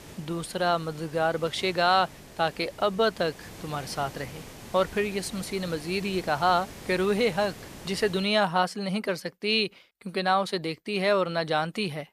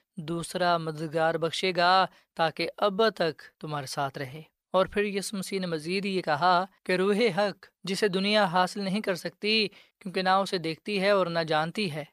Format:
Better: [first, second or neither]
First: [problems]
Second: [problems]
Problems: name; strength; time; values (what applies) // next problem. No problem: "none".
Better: second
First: hiss; noticeable; until 8 s; 15 dB below the speech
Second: none